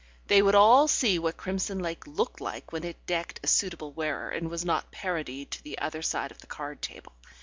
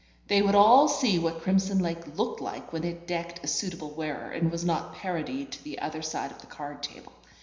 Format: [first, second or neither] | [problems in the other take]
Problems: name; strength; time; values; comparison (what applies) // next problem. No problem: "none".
first | room echo; dies away in 0.9 s